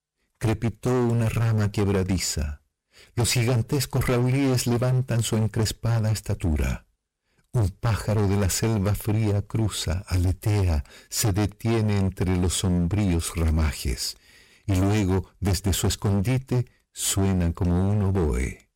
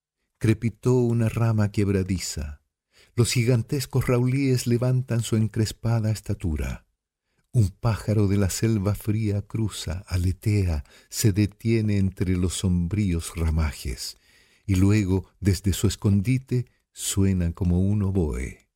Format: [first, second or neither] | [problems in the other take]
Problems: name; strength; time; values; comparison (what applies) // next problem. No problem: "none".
second | distortion; heavy; 22% of the sound clipped